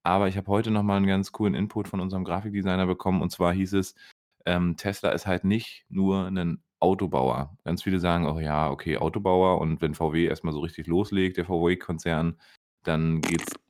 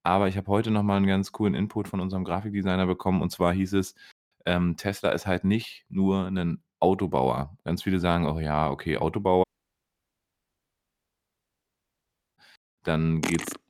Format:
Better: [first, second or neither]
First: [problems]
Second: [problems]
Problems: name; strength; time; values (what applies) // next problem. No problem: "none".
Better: first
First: none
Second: audio cutting out; at 9.5 s for 3 s